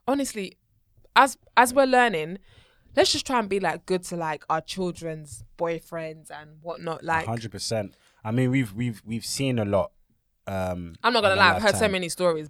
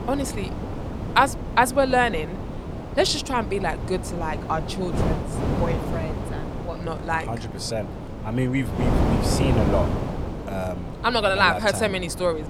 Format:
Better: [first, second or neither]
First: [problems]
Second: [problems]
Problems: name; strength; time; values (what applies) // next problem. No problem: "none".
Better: first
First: none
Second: wind noise on the microphone; heavy; 10 dB below the speech